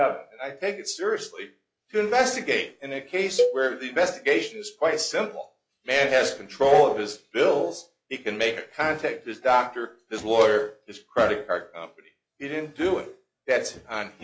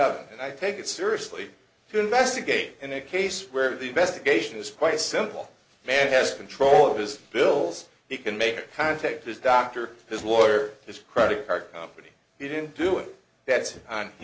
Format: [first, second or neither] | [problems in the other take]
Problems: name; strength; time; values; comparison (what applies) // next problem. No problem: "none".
second | noise reduction (classical method log-MMSE)